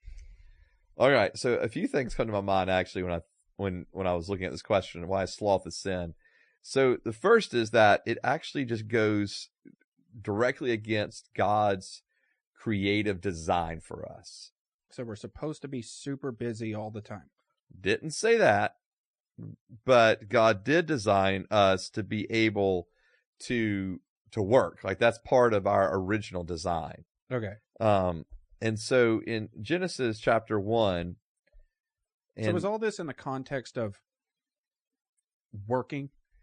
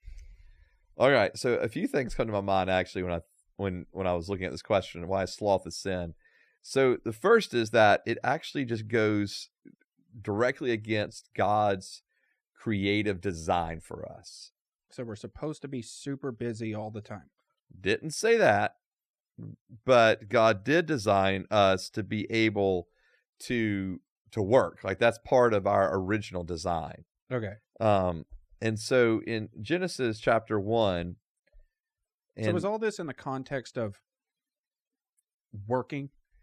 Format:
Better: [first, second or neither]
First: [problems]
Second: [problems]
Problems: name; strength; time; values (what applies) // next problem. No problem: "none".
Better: second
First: garbled, watery; slightly; nothing above 8.5 kHz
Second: none